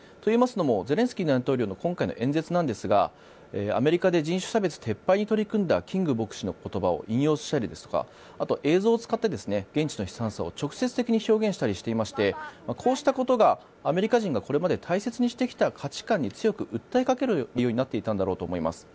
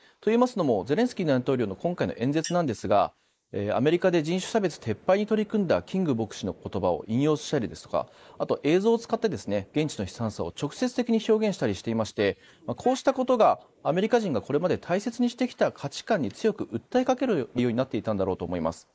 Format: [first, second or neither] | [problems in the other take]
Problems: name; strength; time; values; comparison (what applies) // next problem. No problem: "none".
first | noise reduction (neural mask model Resemble Enhance denoiser)